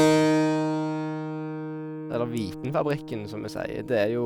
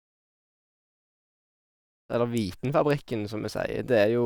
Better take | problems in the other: second | background sound (Keyboard (musical)); 4 dB above the speech

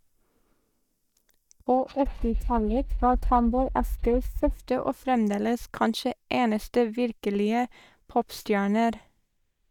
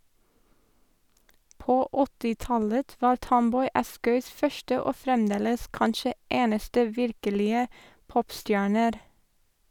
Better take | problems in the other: second | noise reduction (neural mask model DeepFilterNet 3)

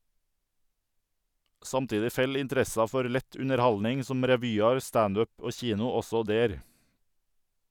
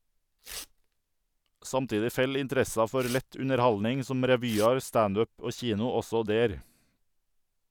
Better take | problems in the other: first | background sound (Tearing); 19 dB below the speech

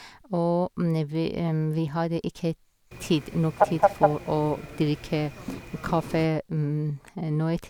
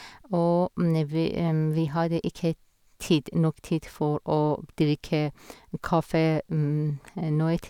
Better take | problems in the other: second | background sound (Fowl); 2 dB below the speech

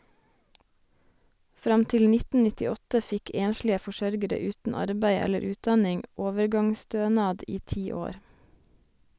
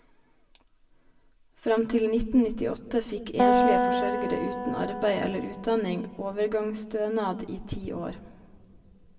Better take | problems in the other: first | background sound (Acoustic guitar); 1 dB above the speech // room echo; dies away in 1.2 s

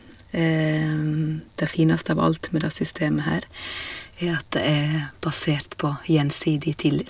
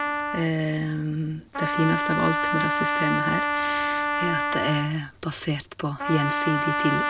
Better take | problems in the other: first | background sound (Trumpet); as loud as the speech

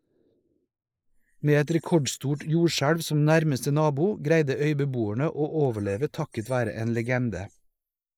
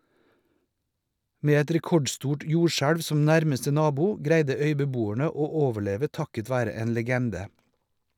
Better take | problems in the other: second | noise reduction (neural mask model Resemble Enhance denoiser)

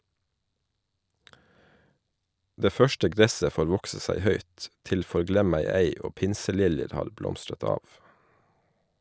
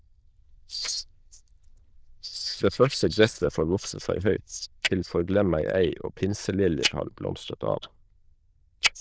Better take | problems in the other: first | noise reduction (neural diffusion model UNIVERSE++)

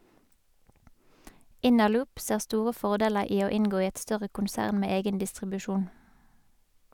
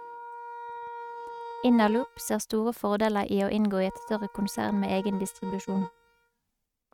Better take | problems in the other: first | noise reduction (neural mask model RNNoise)

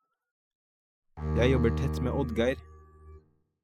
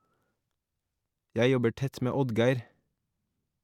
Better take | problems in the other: second | noise reduction (classical method spectral subtraction)

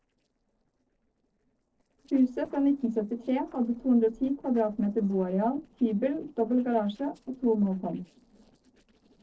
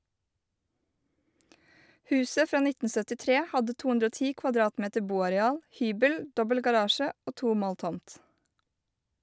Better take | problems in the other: second | noise reduction (neural separator model SepFormer DNS4)

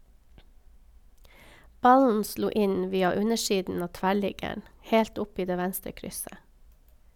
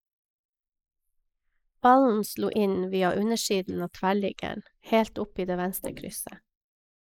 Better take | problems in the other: first | noise reduction (neural mask model Resemble Enhance denoiser)

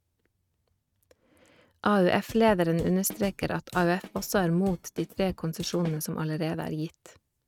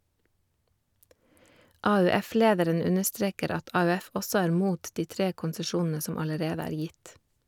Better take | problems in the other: second | noise reduction (neural mask model RNNoise)

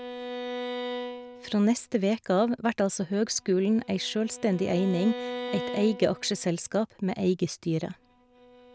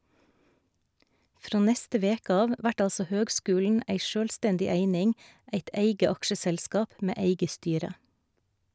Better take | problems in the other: second | background sound (Bowed string instrument); 11 dB below the speech

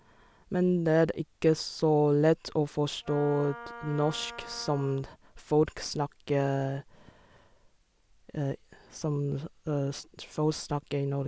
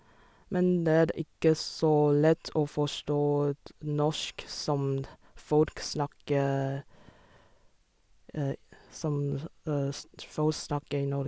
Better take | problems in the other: second | background sound (Wind instrument, woodwind instrument); 16 dB below the speech

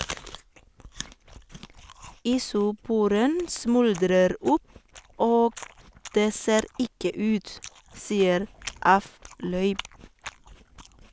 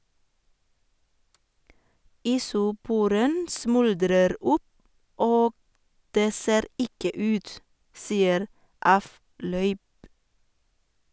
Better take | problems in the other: second | background sound (Chewing, mastication); 18 dB below the speech

